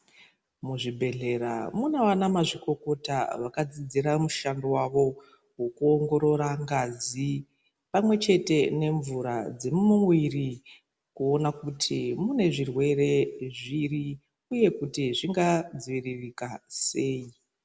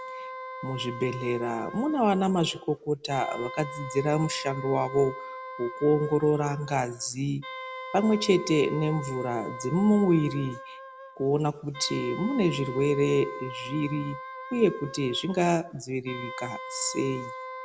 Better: first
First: none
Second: background sound (Wind instrument, woodwind instrument); 12 dB below the speech

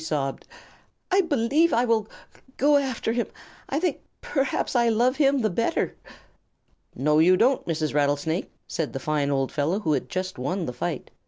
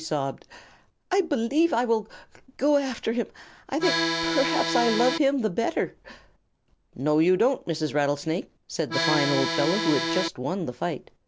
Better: first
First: none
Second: background sound (Accordion); as loud as the speech

